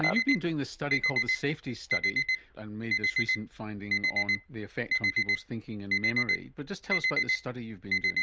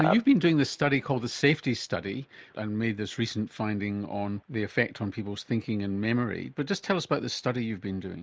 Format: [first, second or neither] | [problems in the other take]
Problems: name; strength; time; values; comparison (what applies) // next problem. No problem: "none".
second | background sound (Alarm); 4 dB above the speech